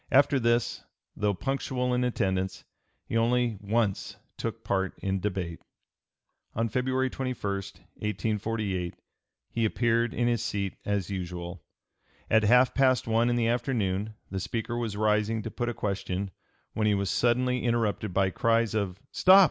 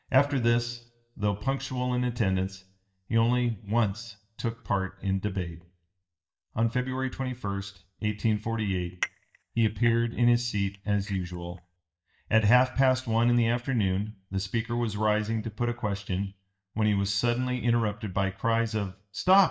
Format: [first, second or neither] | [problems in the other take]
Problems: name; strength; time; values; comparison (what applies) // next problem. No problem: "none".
first | noise reduction (neural mask model DeepFilterNet 3)